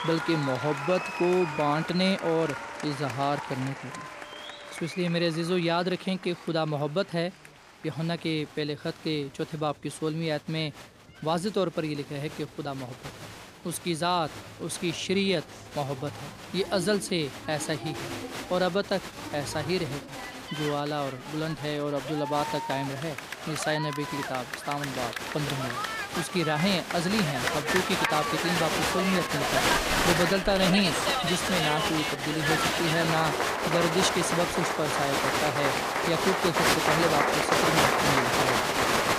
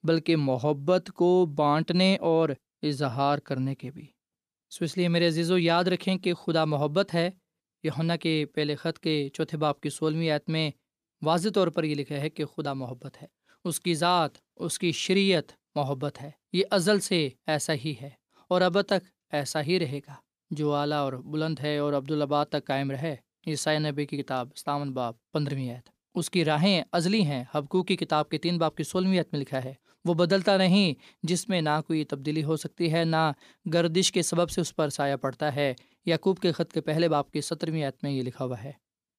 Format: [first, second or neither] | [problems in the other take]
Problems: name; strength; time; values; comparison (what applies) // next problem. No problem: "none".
second | crowd noise; very loud; throughout; 1 dB above the speech